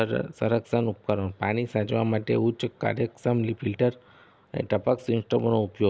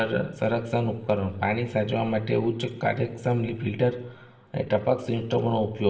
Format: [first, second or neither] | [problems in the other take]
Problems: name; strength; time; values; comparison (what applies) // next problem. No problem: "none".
first | room echo; dies away in 0.8 s